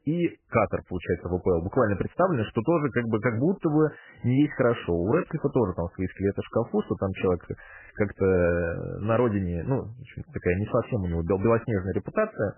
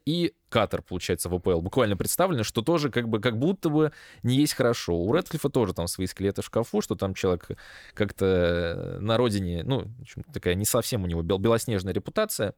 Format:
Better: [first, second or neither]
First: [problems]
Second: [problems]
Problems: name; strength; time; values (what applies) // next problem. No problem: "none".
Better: second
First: garbled, watery; badly; nothing above 3 kHz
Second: none